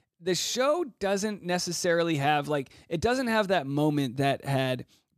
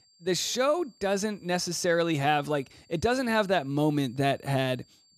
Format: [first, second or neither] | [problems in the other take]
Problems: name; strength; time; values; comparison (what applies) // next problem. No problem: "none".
first | high-pitched whine; faint; throughout; 4.5 kHz, 30 dB below the speech